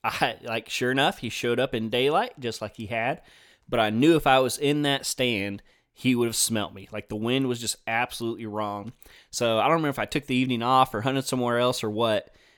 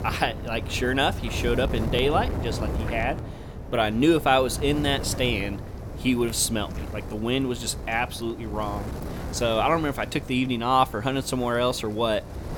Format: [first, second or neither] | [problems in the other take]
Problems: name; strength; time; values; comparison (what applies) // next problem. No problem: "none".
first | wind noise on the microphone; occasional gusts; 15 dB below the speech